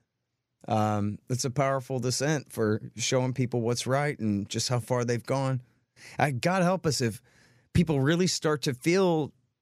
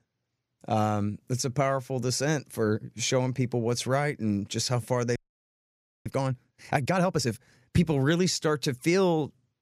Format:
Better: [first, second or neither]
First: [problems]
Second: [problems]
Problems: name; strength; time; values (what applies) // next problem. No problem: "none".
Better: first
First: none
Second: audio freezing; at 5 s for 1 s